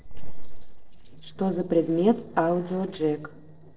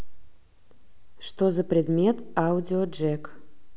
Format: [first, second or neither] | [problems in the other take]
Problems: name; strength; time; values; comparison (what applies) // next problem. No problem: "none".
second | noise reduction (neural separator model SepFormer DNS4)